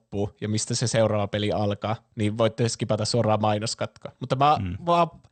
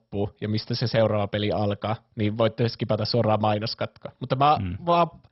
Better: first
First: garbled, watery; slightly; nothing above 8.5 kHz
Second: garbled, watery; badly; nothing above 5.5 kHz

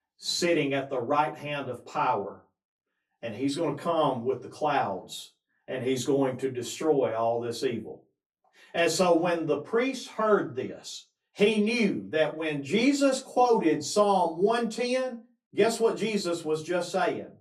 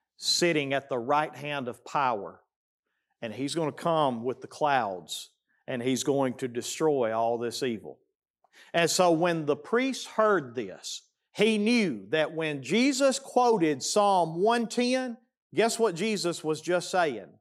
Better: second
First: off-mic speech; far // room echo; very slight; dies away in 0.2 s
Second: none

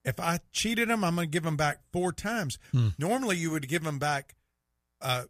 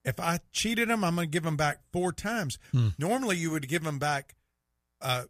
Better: neither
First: none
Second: none

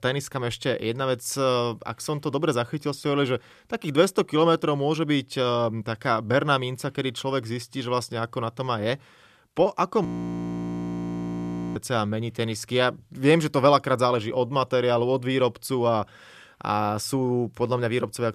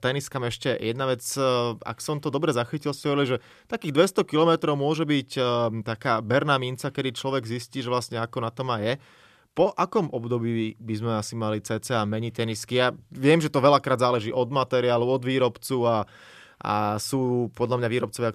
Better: second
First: audio freezing; at 10 s for 1.5 s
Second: none

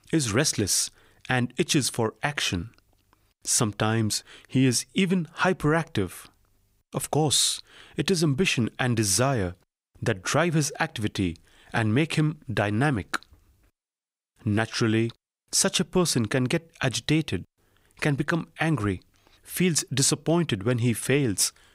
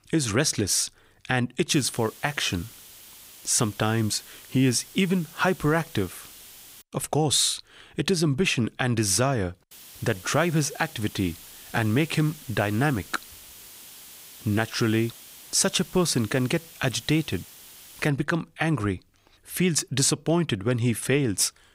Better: first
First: none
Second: hiss; noticeable; from 1.5 to 7 s and from 9.5 to 18 s; 20 dB below the speech

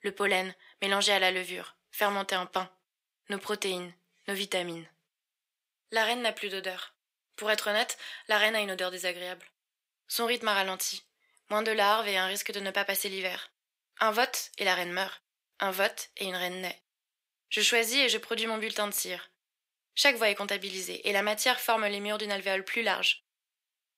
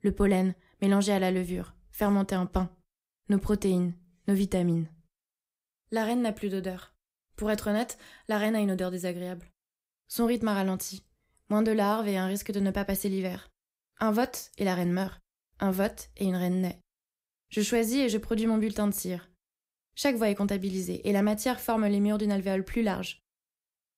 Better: second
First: thin; very; fading below 550 Hz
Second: none

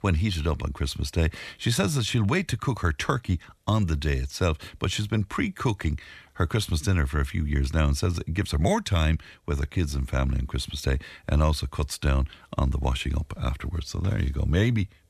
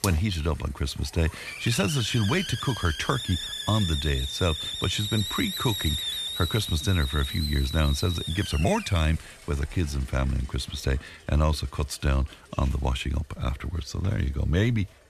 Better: first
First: none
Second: hiss; loud; throughout; 4 dB below the speech

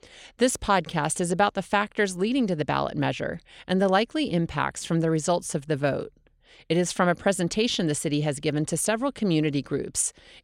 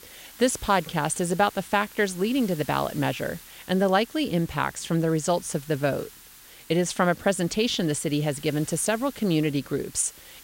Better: first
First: none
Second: hiss; noticeable; throughout; 20 dB below the speech

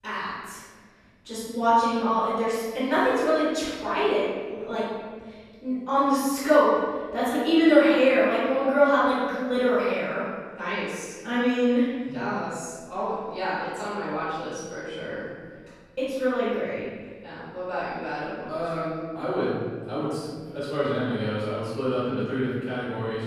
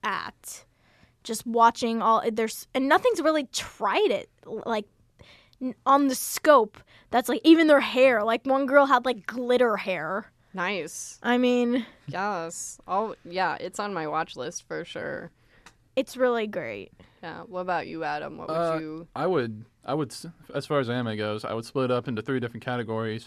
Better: second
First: off-mic speech; far // room echo; strong; dies away in 1.5 s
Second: none

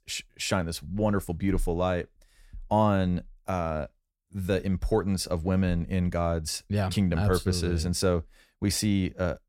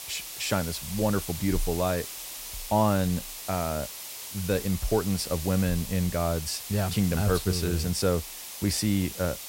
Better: first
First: none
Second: hiss; loud; throughout; 8 dB below the speech

